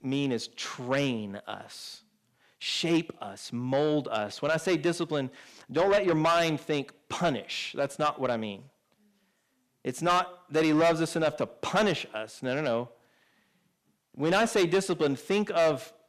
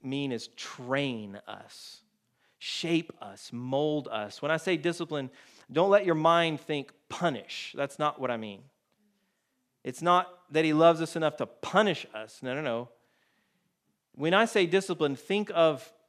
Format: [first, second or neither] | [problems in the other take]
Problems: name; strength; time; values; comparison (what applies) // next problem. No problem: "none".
second | distortion; heavy; 7 dB below the speech